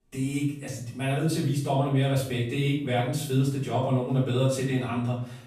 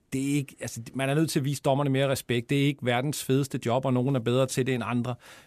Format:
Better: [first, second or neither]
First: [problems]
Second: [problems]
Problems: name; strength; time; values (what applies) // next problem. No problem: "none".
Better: second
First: room echo; noticeable; dies away in 0.5 s // off-mic speech; far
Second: none